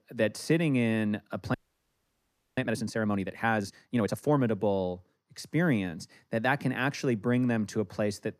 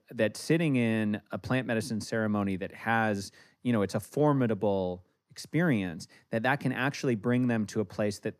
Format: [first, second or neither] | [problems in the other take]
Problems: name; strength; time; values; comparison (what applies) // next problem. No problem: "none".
second | audio freezing; at 1.5 s for 1 s